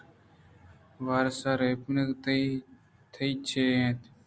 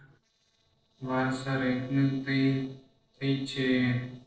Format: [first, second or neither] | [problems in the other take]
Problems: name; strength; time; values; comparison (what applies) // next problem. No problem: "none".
first | noise reduction (neural separator model SepFormer DNS4)